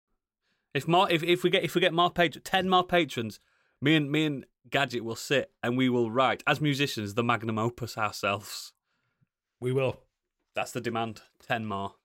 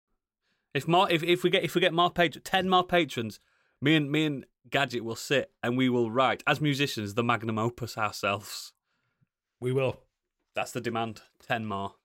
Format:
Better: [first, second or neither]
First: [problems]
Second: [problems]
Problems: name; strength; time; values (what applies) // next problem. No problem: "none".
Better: neither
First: none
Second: none